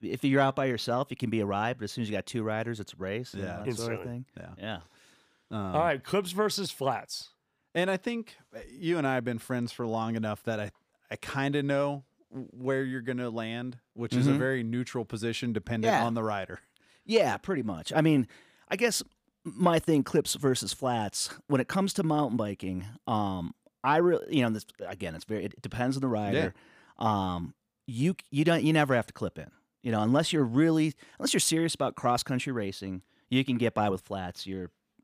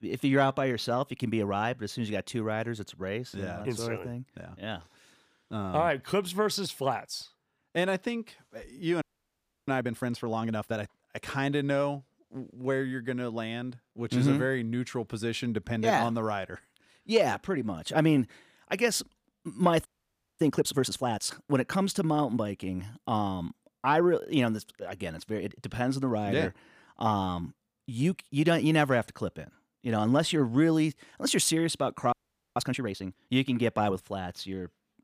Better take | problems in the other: first | audio freezing; at 9 s for 0.5 s, at 20 s for 0.5 s and at 32 s

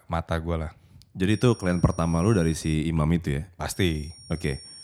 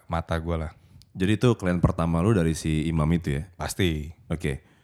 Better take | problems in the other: second | high-pitched whine; noticeable; from 1.5 to 2.5 s and from 3.5 s on; 5.5 kHz, 20 dB below the speech

